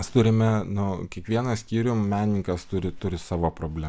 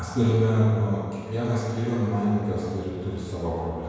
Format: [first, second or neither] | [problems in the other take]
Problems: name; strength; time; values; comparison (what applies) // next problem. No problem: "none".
first | room echo; dies away in 1.9 s